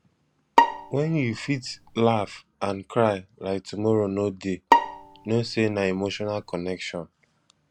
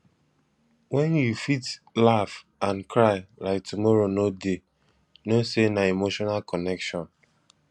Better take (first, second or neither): second